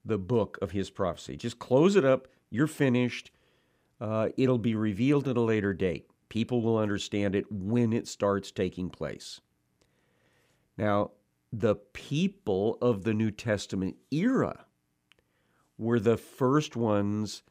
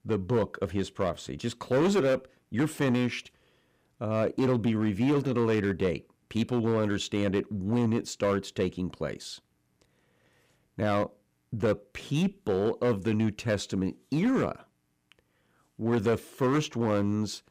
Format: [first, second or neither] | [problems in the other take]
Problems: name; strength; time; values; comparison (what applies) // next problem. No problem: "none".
first | distortion; slight; 7% of the sound clipped